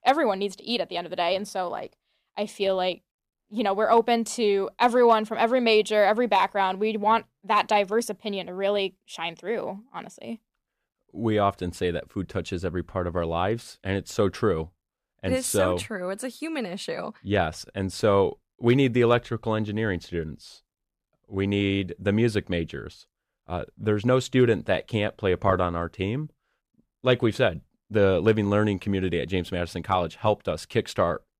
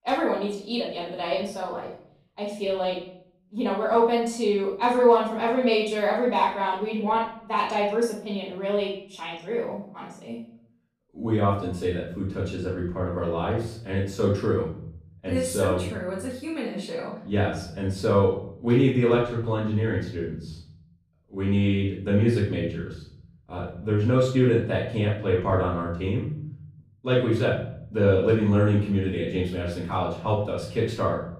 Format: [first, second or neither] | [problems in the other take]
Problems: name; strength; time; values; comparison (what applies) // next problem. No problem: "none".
first | off-mic speech; far // room echo; noticeable; dies away in 0.8 s